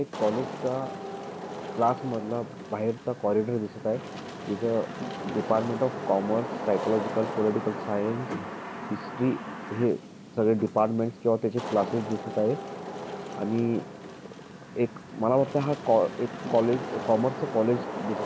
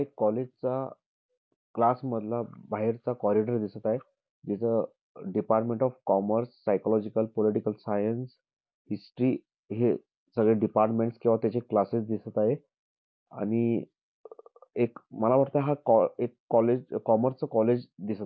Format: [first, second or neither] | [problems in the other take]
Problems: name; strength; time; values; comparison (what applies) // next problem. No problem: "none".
second | background sound (Wind / Rain); 8 dB below the speech